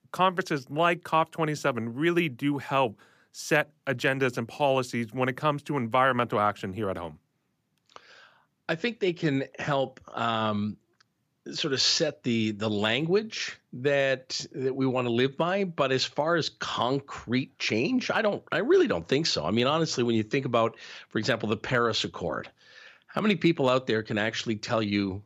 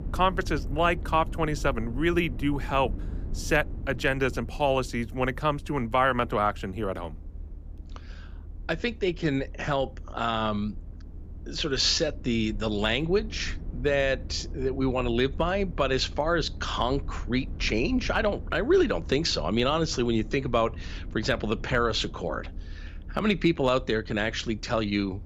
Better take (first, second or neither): first